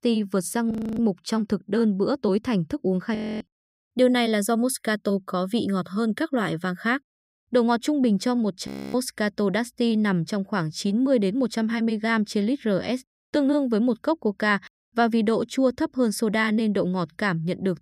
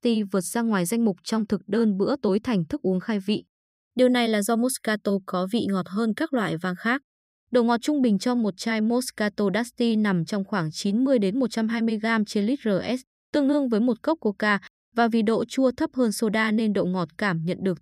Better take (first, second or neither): second